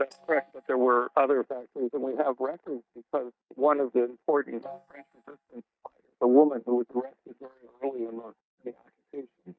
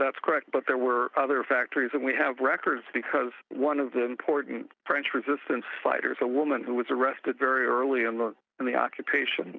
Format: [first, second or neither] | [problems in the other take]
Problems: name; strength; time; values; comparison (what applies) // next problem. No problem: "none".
second | noise reduction (neural mask model DeepFilterNet 3)